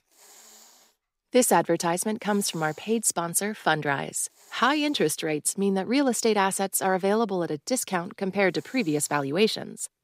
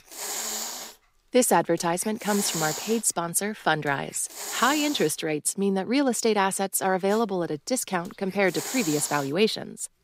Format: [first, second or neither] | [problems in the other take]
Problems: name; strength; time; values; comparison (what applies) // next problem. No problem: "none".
first | hiss; loud; until 5 s and from 7 s on; 7 dB below the speech; faint in the first